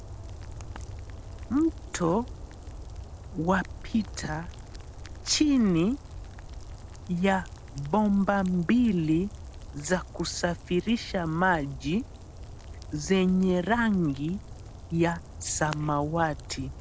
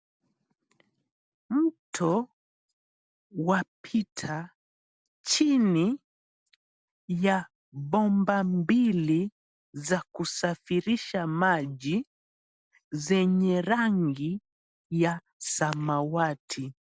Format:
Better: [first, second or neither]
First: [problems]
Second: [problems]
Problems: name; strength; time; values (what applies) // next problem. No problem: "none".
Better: second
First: background sound (Rain); 13 dB below the speech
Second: none